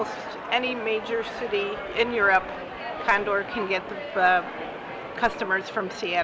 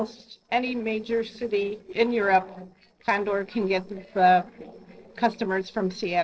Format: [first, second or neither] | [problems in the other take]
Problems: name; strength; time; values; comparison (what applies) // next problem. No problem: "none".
first | noise reduction (neural separator model SepFormer DNS4)